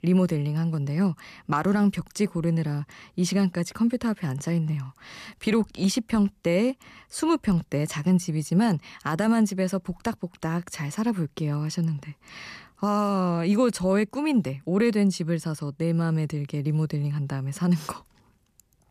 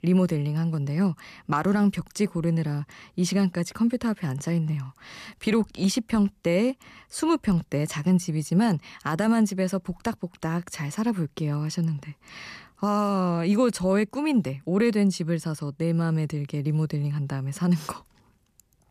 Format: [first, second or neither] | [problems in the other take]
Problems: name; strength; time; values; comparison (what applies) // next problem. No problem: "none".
neither | none